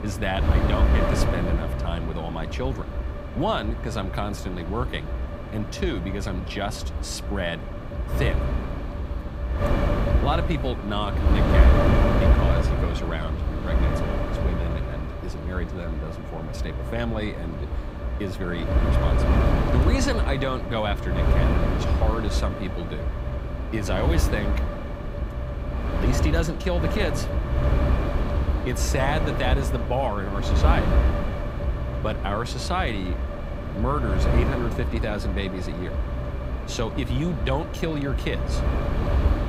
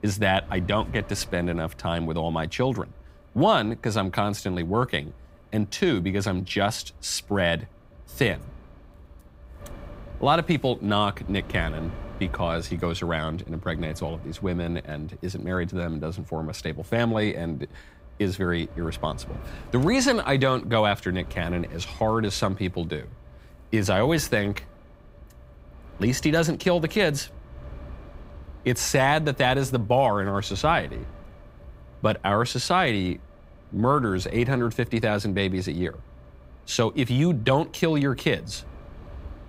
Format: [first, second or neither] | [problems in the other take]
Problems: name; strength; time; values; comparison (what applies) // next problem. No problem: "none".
second | wind noise on the microphone; heavy; 1 dB below the speech; occasional gusts in the second